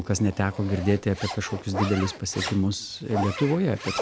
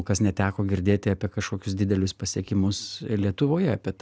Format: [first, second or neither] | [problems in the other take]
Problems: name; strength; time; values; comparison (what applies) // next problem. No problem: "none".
second | background sound (Zipper (clothing)); 9 dB below the speech